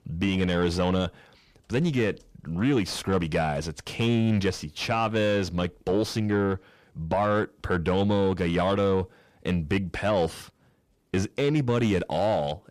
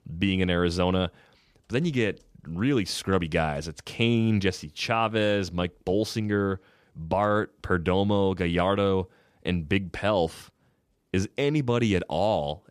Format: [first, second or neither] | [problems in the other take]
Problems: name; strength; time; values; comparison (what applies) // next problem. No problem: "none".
second | distortion; slight; 9 dB below the speech